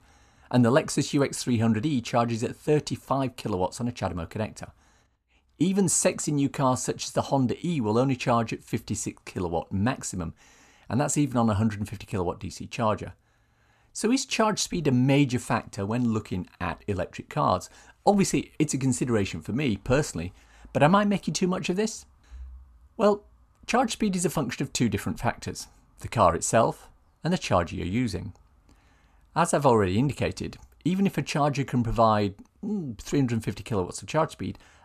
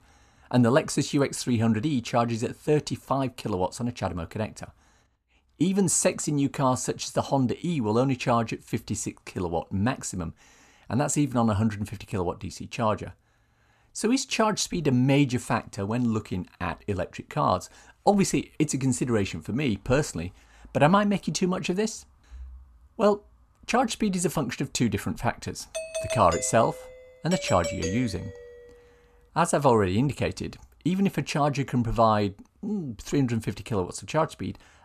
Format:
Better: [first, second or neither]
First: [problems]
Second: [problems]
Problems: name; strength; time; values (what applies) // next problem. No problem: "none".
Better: first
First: none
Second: doorbell; noticeable; from 26 to 29 s; peak 5 dB below the speech